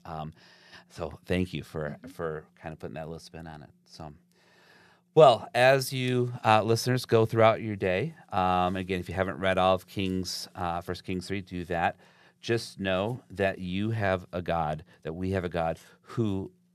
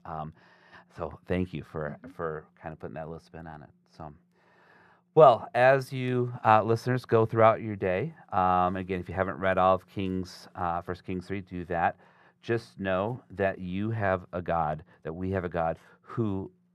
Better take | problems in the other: first | muffled; slightly; fading above 3 kHz

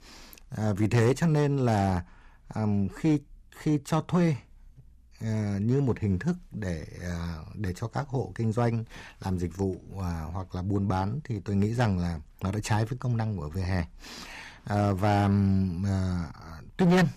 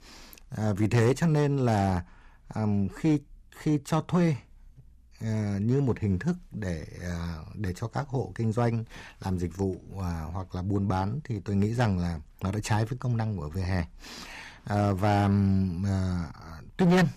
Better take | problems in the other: neither | distortion; slight; 3% of the sound clipped; the same in both

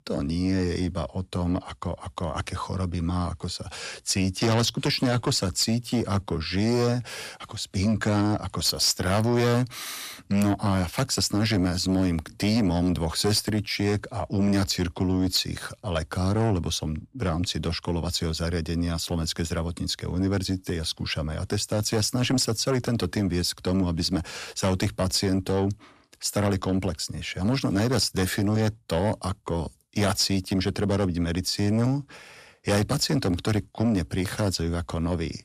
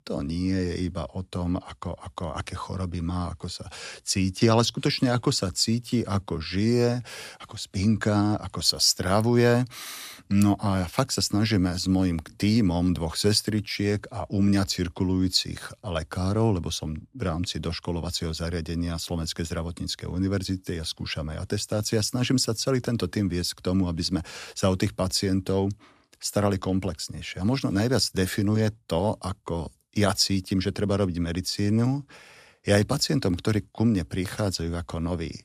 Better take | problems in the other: second | distortion; slight; 10 dB below the speech

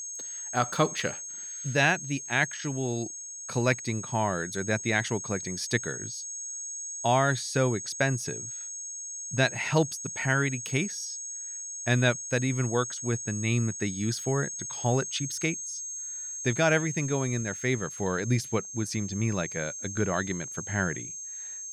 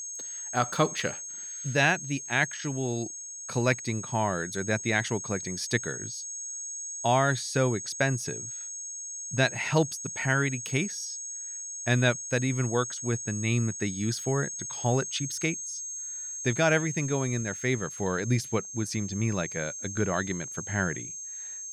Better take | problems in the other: neither | high-pitched whine; loud; throughout; 6.5 kHz, 6 dB below the speech; the same in both

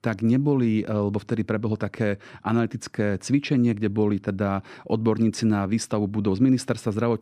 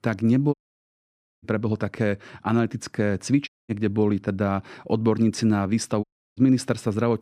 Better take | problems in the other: first | audio cutting out; at 0.5 s for 1 s, at 3.5 s and at 6 s

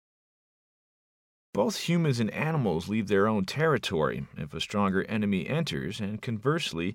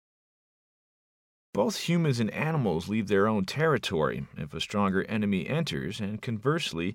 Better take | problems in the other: neither | none

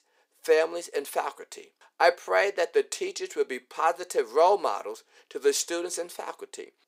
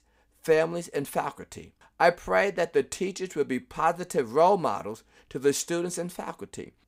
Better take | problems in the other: second | thin; somewhat; fading below 400 Hz

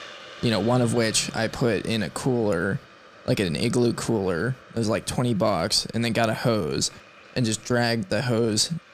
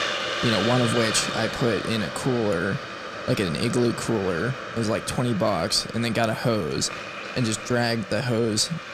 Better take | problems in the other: first | hiss; loud; throughout; 7 dB below the speech; faint in the first

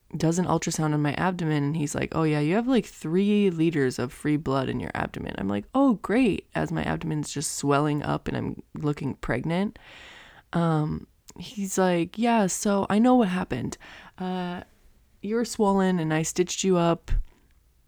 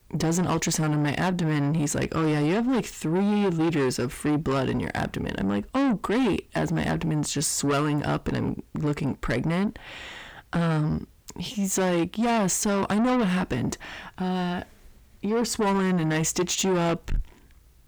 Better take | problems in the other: first | distortion; heavy; 6 dB below the speech

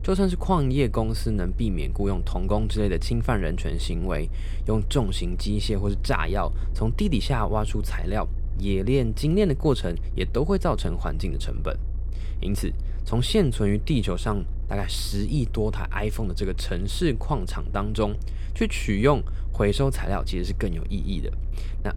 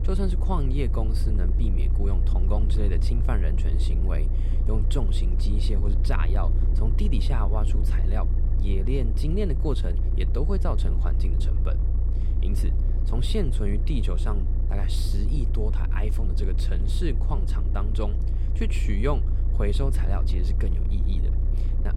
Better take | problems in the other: first | low rumble; loud; throughout; 7 dB below the speech; faint in the first

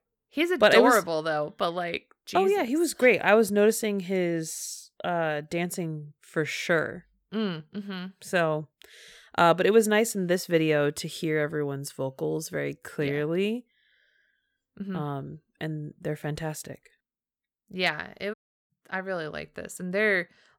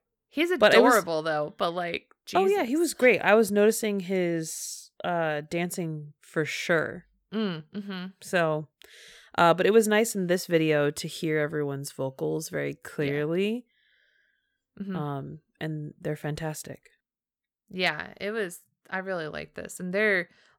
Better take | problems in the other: second | audio cutting out; at 18 s

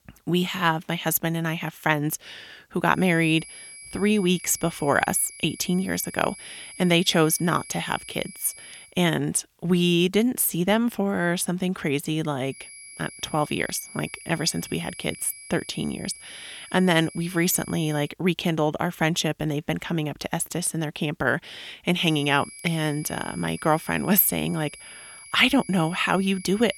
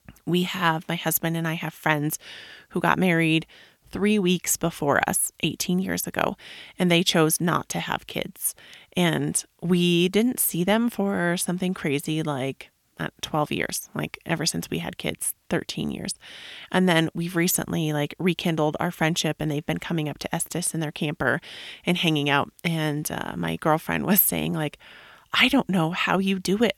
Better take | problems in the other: second | high-pitched whine; noticeable; from 3 to 9 s, from 13 to 18 s and from 22 s on; 2.5 kHz, 15 dB below the speech

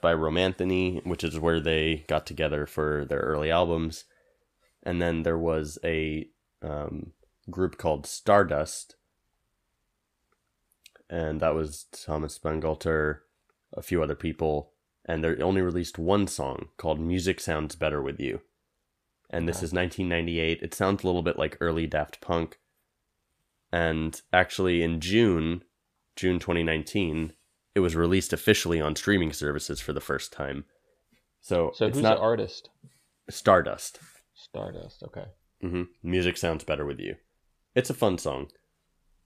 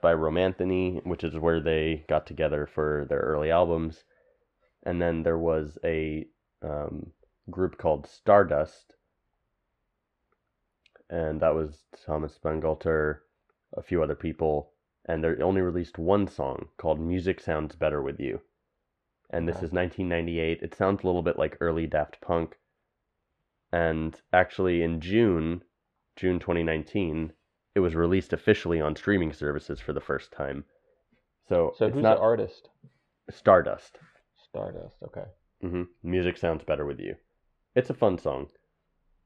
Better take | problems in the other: first | muffled; very; fading above 2 kHz

